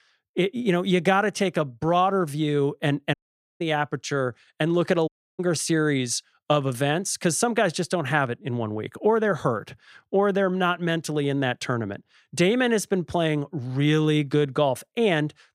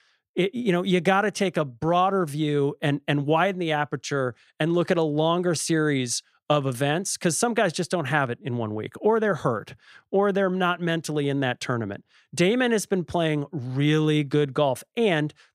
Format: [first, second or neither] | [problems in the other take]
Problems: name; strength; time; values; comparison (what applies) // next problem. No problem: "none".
second | audio cutting out; at 3 s and at 5 s